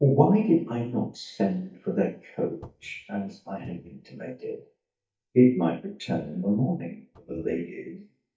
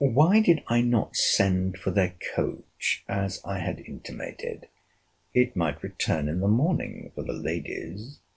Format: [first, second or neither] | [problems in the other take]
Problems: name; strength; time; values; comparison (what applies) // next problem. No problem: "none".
second | noise reduction (neural mask model DeepFilterNet 3)